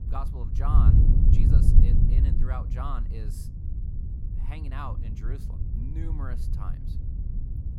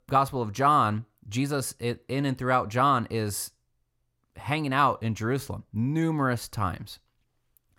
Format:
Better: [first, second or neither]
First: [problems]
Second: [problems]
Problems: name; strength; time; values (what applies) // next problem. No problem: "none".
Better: second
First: wind noise on the microphone; heavy; 1 dB below the speech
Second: none